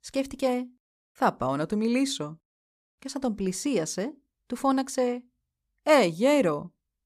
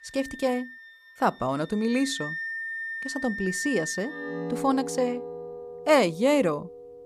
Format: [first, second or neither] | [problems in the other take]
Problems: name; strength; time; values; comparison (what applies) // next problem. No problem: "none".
first | background music; loud; throughout; 8 dB below the speech